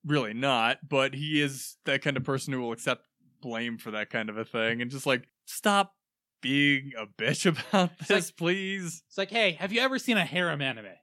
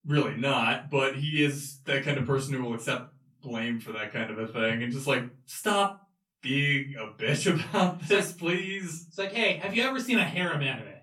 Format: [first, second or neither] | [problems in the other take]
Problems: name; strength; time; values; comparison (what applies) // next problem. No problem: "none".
first | off-mic speech; far // room echo; slight; dies away in 0.3 s